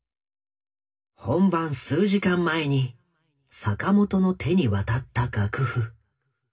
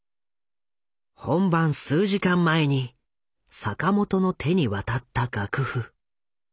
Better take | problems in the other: second | room echo; dies away in 0.4 s

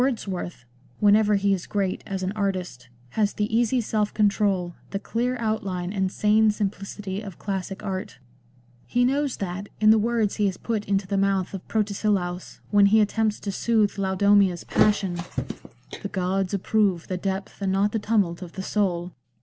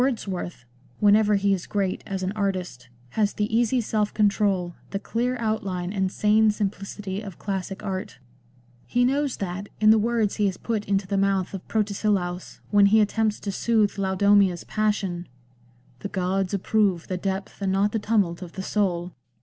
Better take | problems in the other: second | background sound (Thump, thud); 8 dB below the speech

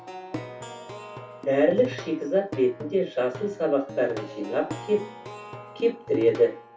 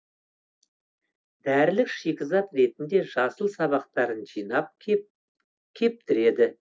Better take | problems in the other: second | background sound (Plucked string instrument); 13 dB below the speech // room echo; dies away in 0.2 s

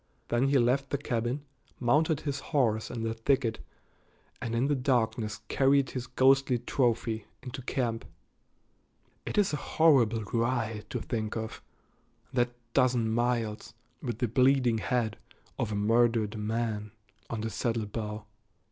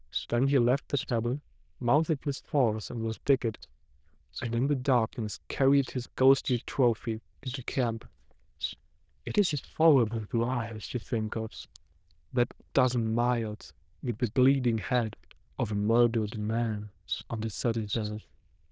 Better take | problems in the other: first | noise reduction (neural diffusion model UNIVERSE++)

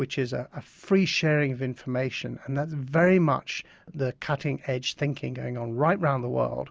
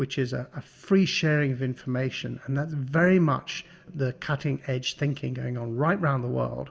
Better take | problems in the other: first | room echo; dies away in 0.7 s

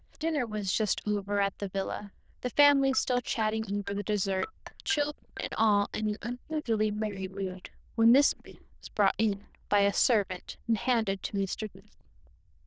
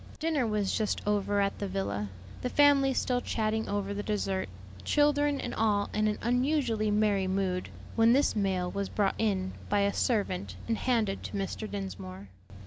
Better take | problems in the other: second | noise reduction (neural diffusion model UNIVERSE++)

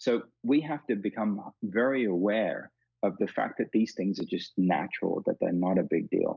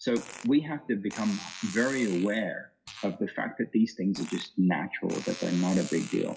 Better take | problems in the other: first | noise reduction (classical method WPE with log-MMSE)

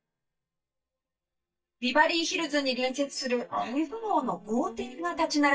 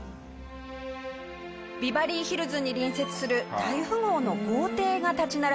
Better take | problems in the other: second | noise reduction (neural mask model DeepFilterNet 3)

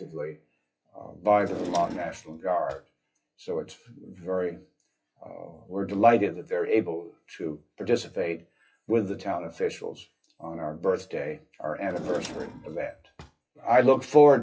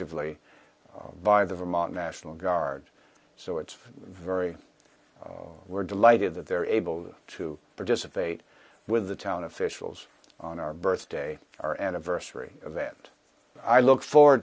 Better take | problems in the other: second | noise reduction (classical method WPE with log-MMSE)

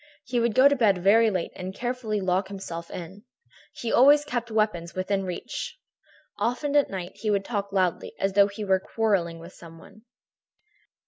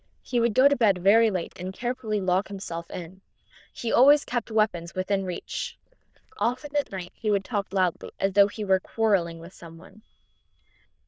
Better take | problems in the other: first | noise reduction (neural diffusion model UNIVERSE++)

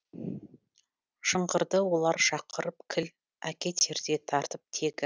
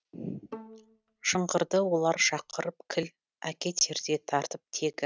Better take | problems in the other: first | noise reduction (neural mask model RNNoise)

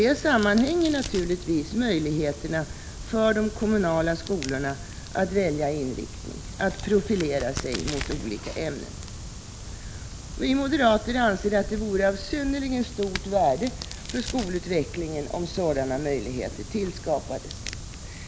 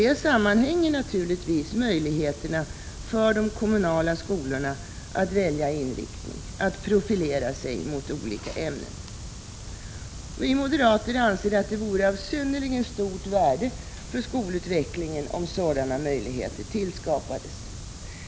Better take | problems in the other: second | background sound (Crack); 15 dB below the speech

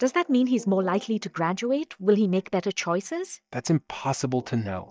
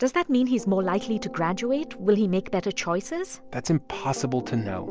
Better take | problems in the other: second | noise reduction (neural mask model DeepFilterNet 3)

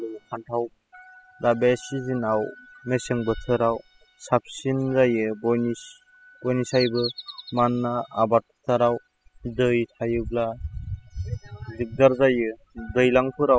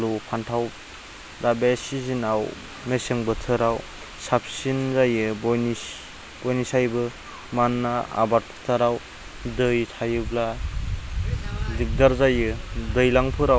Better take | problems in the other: second | noise reduction (classical method spectral subtraction)

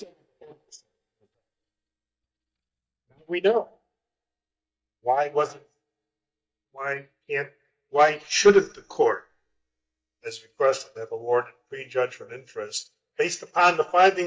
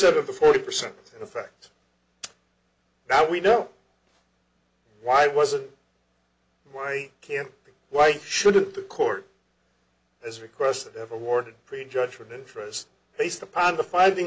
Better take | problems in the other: second | noise reduction (neural mask model DeepFilterNet 3)

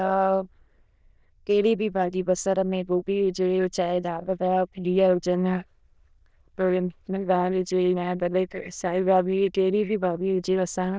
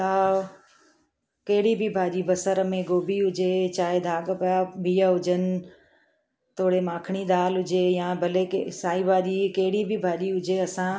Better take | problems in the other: second | noise reduction (neural diffusion model UNIVERSE++)

